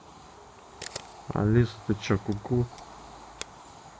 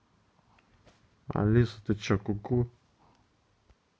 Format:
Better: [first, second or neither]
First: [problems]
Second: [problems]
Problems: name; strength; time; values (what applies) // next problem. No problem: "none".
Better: second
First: background sound (Train / Bird vocalization, bird call, bird song + Camera); 15 dB below the speech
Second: none